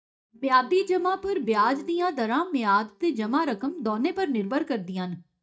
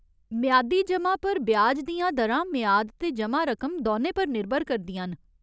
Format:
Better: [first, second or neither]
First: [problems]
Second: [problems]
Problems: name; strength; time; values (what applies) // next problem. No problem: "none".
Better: second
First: noise reduction (neural mask model DeepFilterNet 3)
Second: none